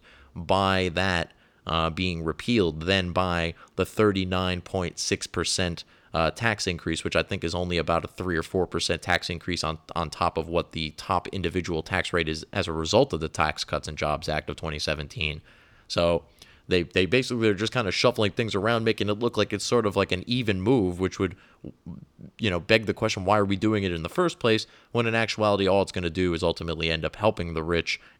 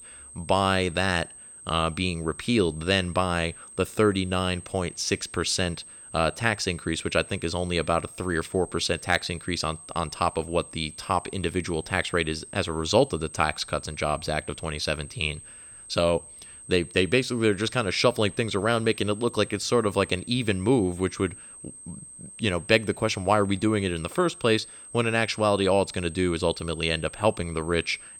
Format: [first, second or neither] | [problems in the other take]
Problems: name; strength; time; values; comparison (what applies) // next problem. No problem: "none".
first | high-pitched whine; noticeable; throughout; 8.5 kHz, 15 dB below the speech